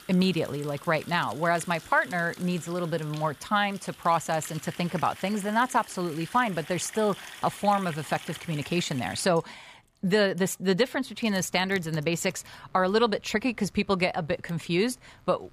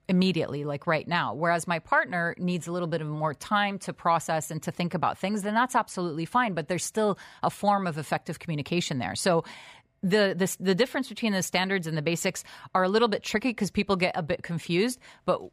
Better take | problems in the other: second | household noises; noticeable; throughout; 15 dB below the speech

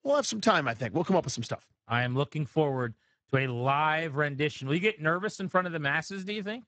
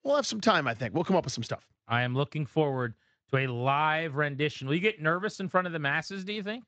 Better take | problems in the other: second | garbled, watery; badly; nothing above 7.5 kHz; slightly in the second

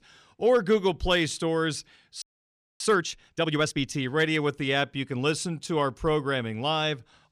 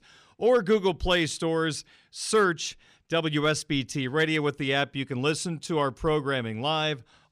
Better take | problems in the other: second | audio freezing; at 2 s for 0.5 s

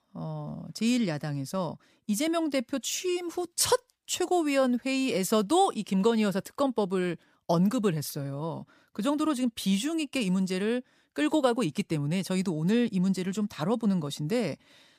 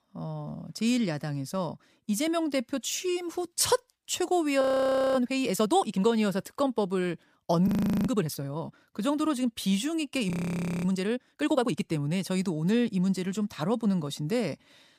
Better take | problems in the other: first | audio freezing; at 4.5 s for 0.5 s, at 7.5 s and at 10 s for 0.5 s

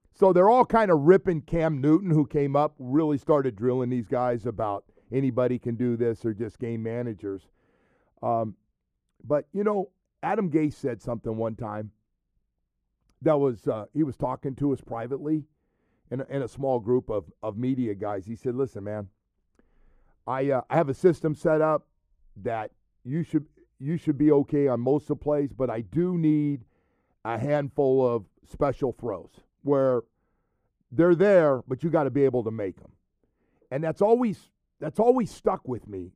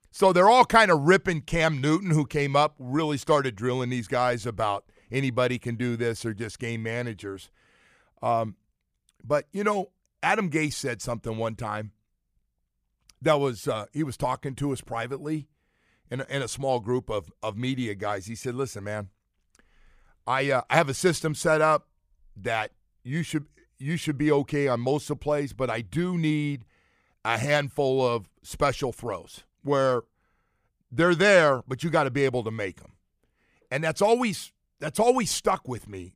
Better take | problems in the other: second | muffled; very; fading above 1.5 kHz

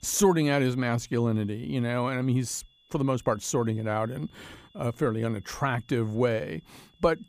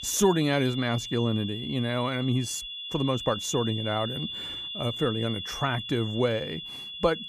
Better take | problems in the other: first | high-pitched whine; loud; throughout; 3.5 kHz, 6 dB below the speech; faint in the first

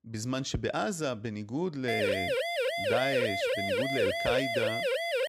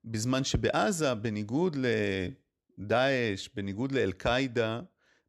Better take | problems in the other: second | siren; loud; from 2 s on; peak 4 dB above the speech

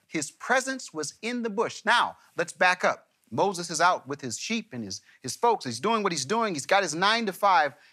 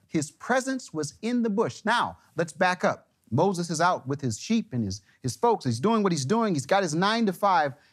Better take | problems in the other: second | thin; somewhat; fading below 600 Hz

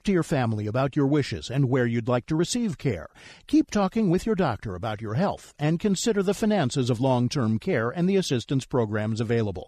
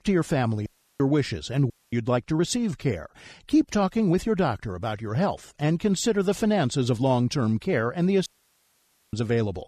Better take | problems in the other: first | audio cutting out; at 0.5 s, at 1.5 s and at 8.5 s for 1 s

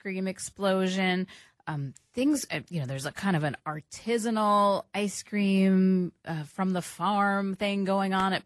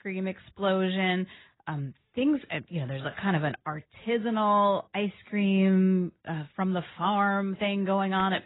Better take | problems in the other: first | garbled, watery; badly; nothing above 4 kHz; slightly in the first

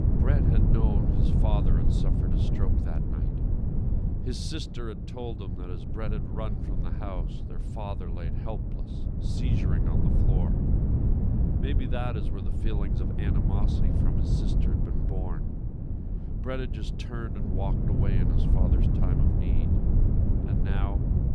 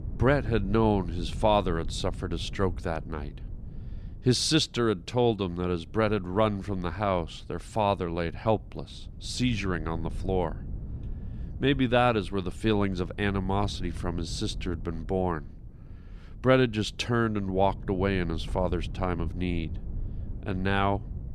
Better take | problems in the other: second | wind noise on the microphone; heavy; 1 dB above the speech; occasional gusts in the second

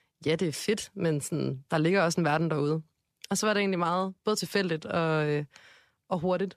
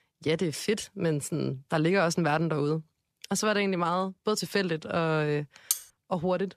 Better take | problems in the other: first | clattering dishes; noticeable; at 5.5 s; peak 2 dB below the speech

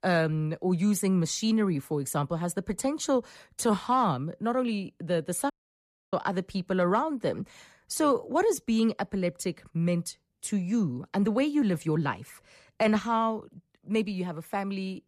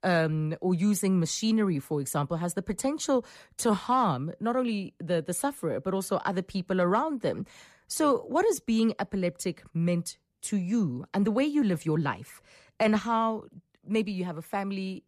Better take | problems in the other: second | audio cutting out; at 5.5 s for 0.5 s

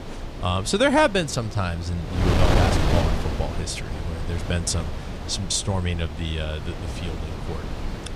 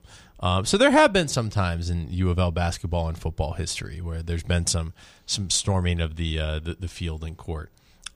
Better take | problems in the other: second | wind noise on the microphone; heavy; 7 dB below the speech

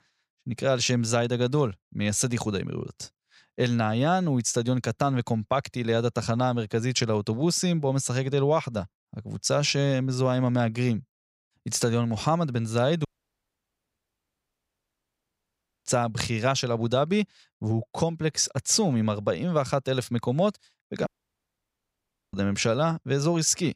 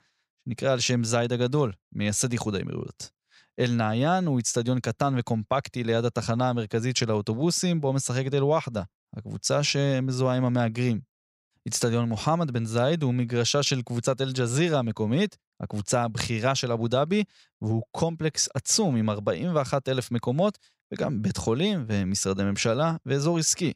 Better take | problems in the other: second | audio cutting out; at 13 s for 3 s and at 21 s for 1.5 s

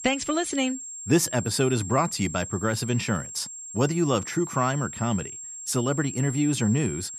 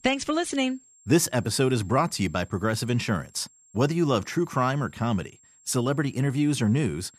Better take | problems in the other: second | high-pitched whine; loud; throughout; 7.5 kHz, 9 dB below the speech; faint in the second

